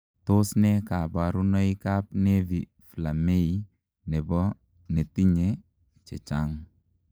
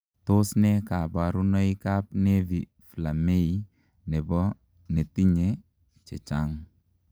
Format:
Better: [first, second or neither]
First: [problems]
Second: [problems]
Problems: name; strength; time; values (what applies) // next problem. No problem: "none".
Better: second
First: noise reduction (neural mask model Resemble Enhance denoiser)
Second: none